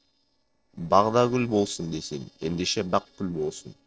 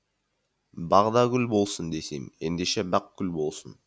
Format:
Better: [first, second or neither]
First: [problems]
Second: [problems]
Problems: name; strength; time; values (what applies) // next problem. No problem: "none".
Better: second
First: noise reduction (neural separator model SepFormer DNS4)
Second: none